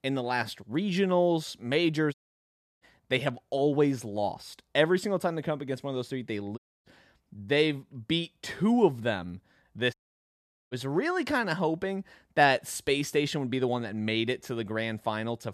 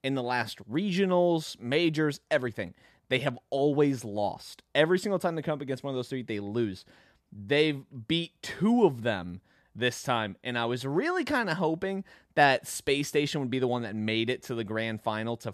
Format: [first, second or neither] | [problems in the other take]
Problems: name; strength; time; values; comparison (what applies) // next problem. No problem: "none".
second | audio cutting out; at 2 s for 0.5 s, at 6.5 s and at 10 s for 1 s